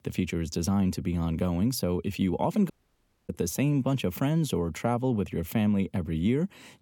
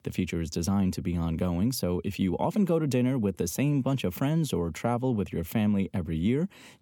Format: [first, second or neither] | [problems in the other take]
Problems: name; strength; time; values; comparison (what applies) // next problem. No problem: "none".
second | audio cutting out; at 2.5 s for 0.5 s